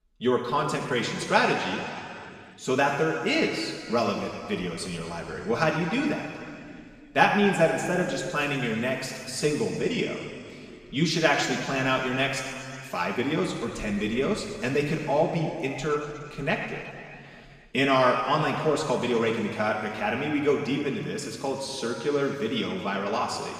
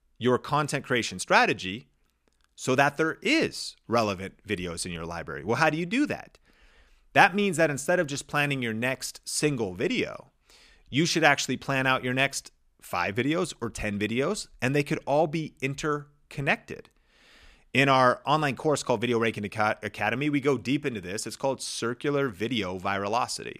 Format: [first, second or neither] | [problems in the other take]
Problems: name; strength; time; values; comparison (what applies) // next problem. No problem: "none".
second | room echo; noticeable; dies away in 2.4 s // off-mic speech; far